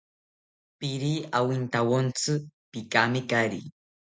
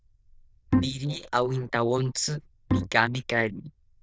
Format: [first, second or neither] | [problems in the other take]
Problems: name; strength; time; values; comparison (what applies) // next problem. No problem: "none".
first | noise reduction (neural diffusion model UNIVERSE++)